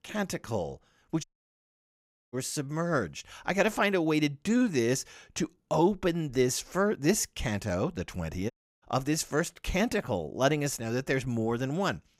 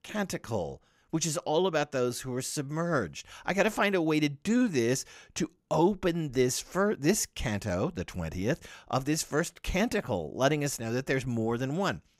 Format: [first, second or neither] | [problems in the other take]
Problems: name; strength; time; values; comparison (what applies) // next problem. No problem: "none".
second | audio cutting out; at 1 s for 1 s and at 8.5 s